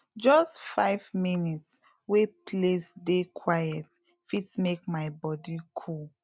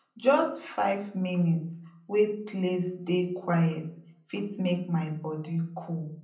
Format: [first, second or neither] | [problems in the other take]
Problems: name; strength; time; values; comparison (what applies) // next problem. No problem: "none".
first | room echo; dies away in 0.6 s